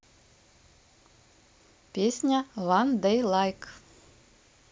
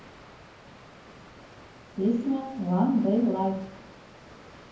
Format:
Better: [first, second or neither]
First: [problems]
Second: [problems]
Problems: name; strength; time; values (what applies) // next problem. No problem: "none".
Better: first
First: none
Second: background sound (Water); 19 dB below the speech // room echo; dies away in 0.9 s